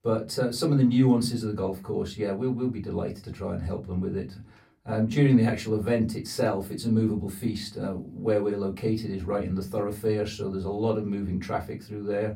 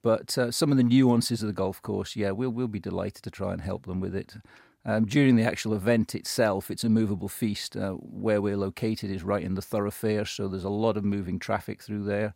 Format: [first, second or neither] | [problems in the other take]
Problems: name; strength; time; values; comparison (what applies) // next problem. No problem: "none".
second | off-mic speech; somewhat distant // room echo; very slight; dies away in 0.3 s